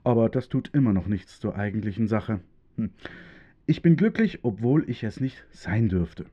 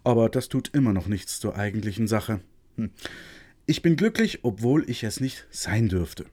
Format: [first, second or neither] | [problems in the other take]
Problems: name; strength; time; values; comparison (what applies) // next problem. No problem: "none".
second | muffled; slightly; fading above 2.5 kHz